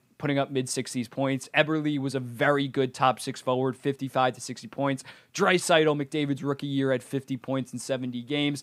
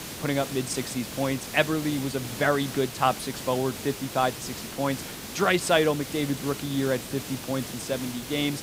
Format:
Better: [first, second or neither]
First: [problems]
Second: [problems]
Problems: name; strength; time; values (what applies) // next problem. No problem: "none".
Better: first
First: none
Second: hiss; loud; throughout; 9 dB below the speech